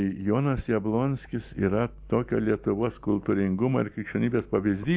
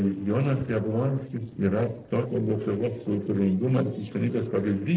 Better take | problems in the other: first | noise reduction (neural separator model SepFormer DNS4)

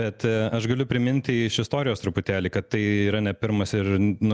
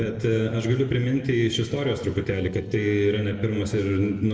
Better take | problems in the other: first | noise reduction (neural separator model SepFormer DNS4)

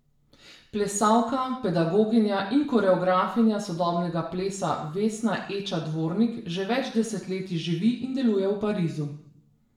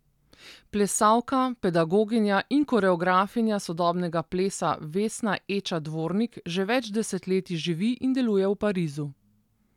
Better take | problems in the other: second | room echo; dies away in 0.6 s

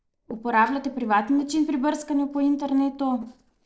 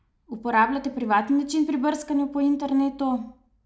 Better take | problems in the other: second | noise reduction (neural separator model SepFormer DNS4)

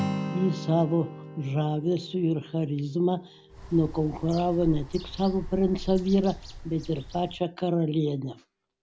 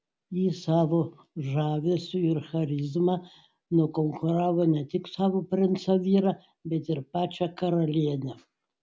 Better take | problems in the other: second | background sound (Bird + Acoustic guitar); 11 dB below the speech

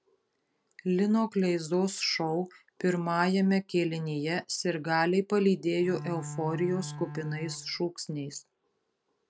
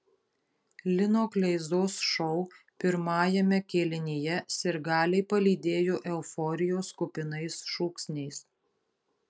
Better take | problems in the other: second | background sound (Bowed string instrument); 10 dB below the speech

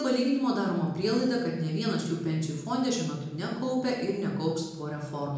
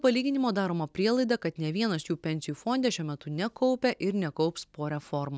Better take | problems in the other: second | room echo; dies away in 0.9 s

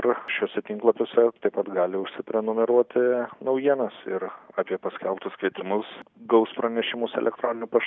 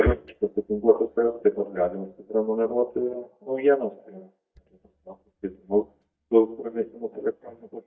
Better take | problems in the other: first | noise reduction (neural mask model DeepFilterNet 3)

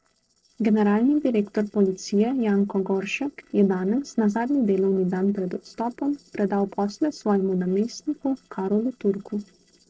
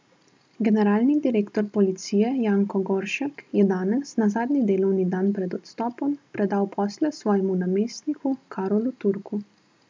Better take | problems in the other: second | noise reduction (neural separator model SepFormer DNS4)

